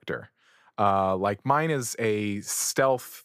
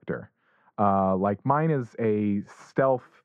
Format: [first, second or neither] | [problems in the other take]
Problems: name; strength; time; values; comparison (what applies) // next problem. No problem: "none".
first | muffled; very; fading above 1.5 kHz